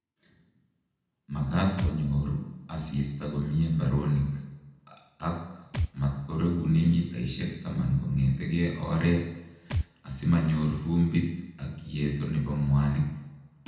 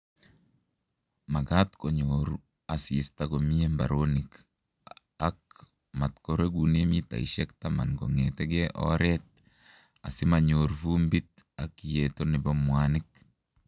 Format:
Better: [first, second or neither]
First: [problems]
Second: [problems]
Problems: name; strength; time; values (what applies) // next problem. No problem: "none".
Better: second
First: background sound (Thump, thud); 13 dB below the speech // room echo; dies away in 0.9 s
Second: none